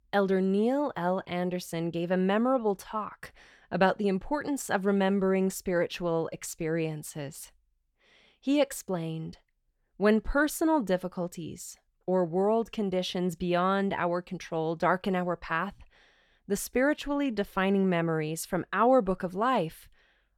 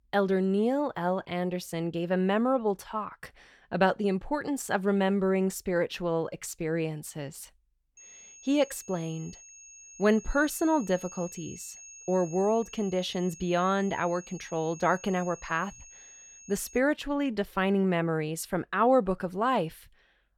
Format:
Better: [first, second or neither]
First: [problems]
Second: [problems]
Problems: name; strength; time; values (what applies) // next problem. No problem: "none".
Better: first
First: none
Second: high-pitched whine; noticeable; from 8 to 17 s; 6.5 kHz, 20 dB below the speech